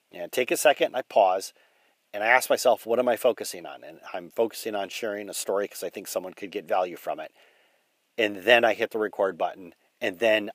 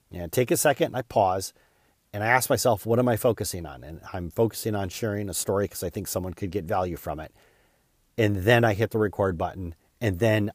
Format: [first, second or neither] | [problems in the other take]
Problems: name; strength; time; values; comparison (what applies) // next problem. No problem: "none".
second | thin; somewhat; fading below 250 Hz